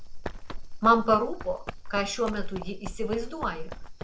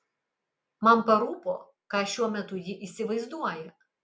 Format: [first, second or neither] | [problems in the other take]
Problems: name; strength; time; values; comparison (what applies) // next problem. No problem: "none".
second | background sound (Run); 5 dB below the speech